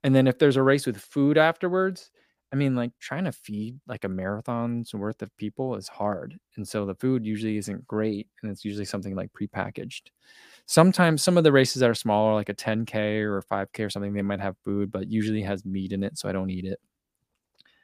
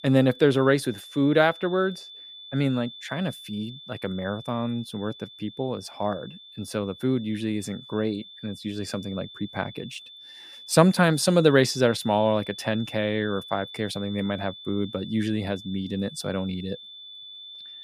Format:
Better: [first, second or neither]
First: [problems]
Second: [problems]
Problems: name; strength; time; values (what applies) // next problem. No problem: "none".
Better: first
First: none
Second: high-pitched whine; noticeable; throughout; 3.5 kHz, 15 dB below the speech